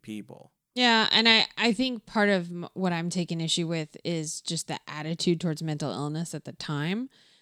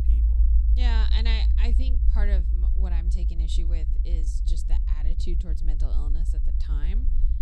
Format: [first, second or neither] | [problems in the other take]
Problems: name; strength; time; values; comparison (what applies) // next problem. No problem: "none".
first | low rumble; loud; throughout; 7 dB below the speech